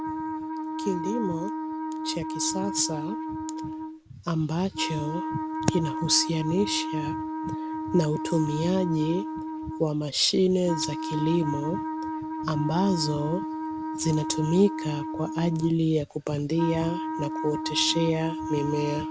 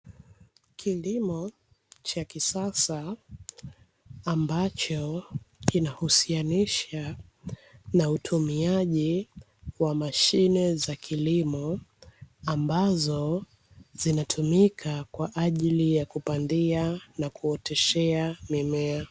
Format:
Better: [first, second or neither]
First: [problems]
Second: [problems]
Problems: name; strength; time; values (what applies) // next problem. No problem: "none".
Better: second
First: background sound (Wind instrument, woodwind instrument); 5 dB below the speech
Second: none